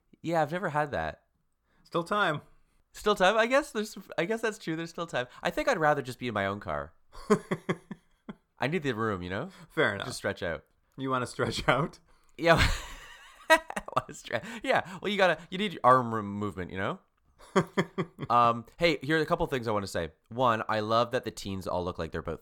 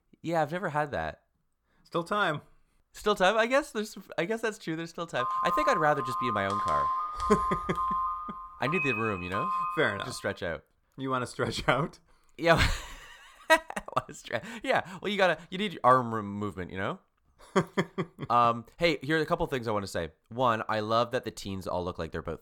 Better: first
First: none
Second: phone ringing; loud; from 5 to 10 s; peak 1 dB above the speech

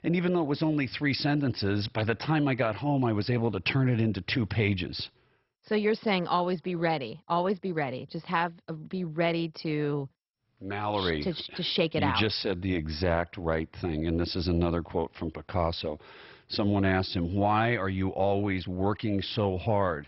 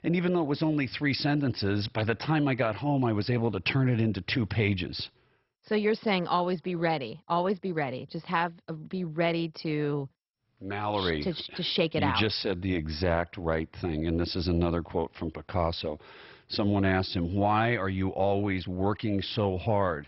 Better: neither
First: garbled, watery; badly; nothing above 5.5 kHz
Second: garbled, watery; badly; nothing above 5.5 kHz

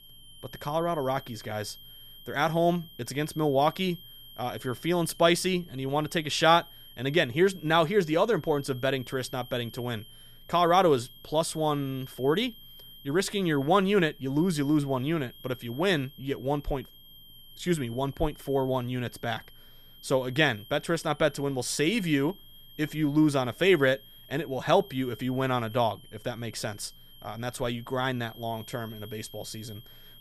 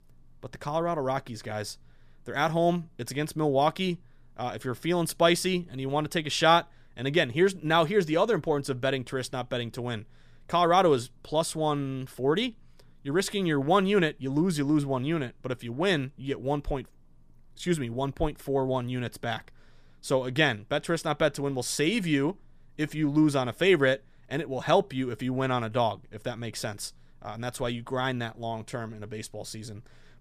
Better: second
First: high-pitched whine; faint; throughout; 3 kHz, 20 dB below the speech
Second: none

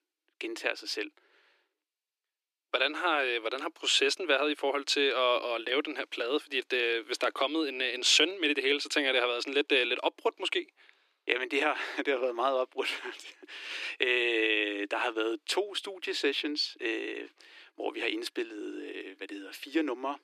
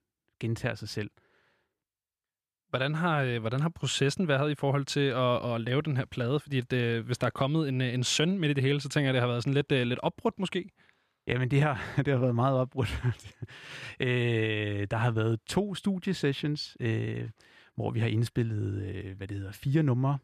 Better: second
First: thin; very; fading below 300 Hz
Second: none

